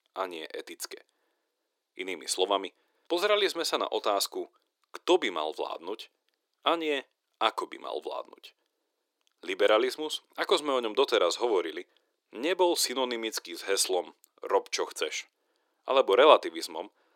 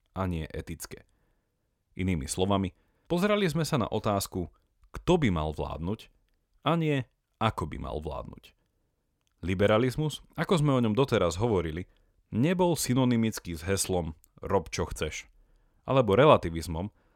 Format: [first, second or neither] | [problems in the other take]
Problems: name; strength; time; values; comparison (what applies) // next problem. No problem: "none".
second | thin; very; fading below 350 Hz